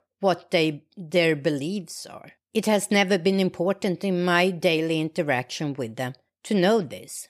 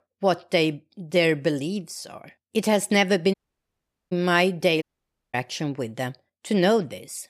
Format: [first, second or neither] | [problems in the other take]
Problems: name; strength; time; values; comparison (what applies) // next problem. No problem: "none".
first | audio cutting out; at 3.5 s for 1 s and at 5 s for 0.5 s